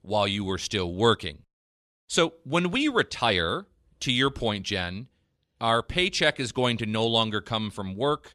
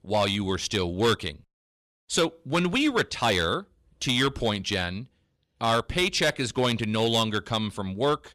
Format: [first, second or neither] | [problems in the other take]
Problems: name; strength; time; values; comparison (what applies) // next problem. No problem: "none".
first | distortion; slight; 3% of the sound clipped